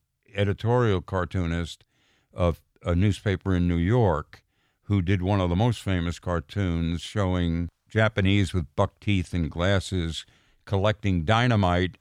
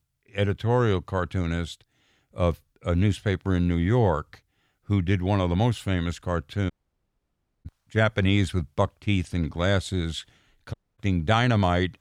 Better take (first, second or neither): first